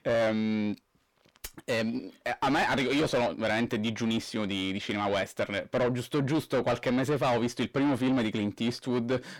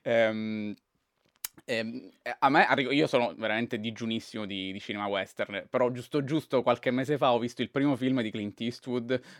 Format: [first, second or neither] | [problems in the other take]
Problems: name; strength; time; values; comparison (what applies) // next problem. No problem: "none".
second | distortion; heavy; 6 dB below the speech